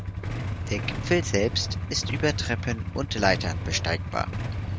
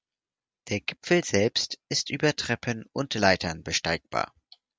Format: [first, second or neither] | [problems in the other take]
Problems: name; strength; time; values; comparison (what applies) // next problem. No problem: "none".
second | background sound (Idling / Engine starting / Motorcycle / Accelerating, revving, vroom); 2 dB below the speech